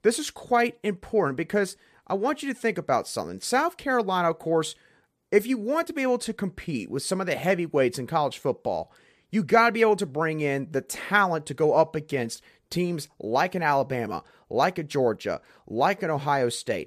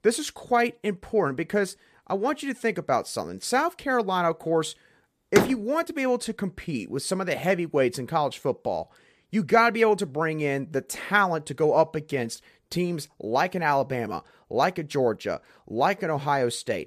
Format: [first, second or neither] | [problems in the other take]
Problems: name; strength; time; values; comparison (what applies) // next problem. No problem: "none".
first | door banging; loud; at 5.5 s; peak level with the speech